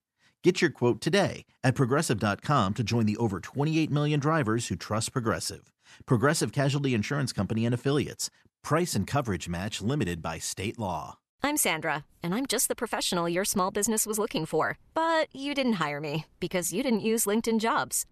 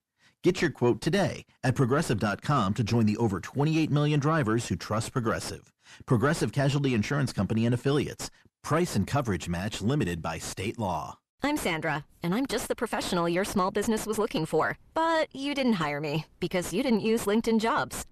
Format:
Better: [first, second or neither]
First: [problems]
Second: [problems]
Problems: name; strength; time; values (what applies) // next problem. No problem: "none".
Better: first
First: none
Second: distortion; slight; 9 dB below the speech